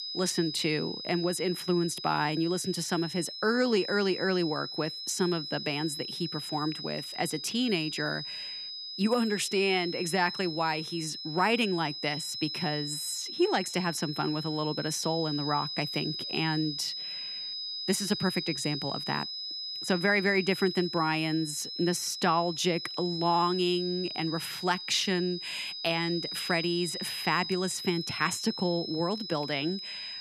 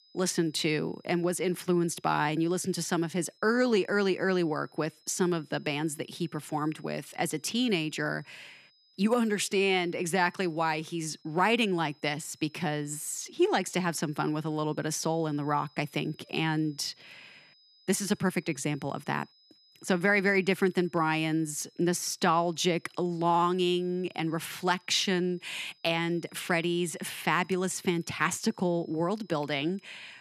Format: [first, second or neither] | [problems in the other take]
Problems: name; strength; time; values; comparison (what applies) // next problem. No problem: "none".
second | high-pitched whine; loud; throughout; 5 kHz, 6 dB below the speech; faint in the second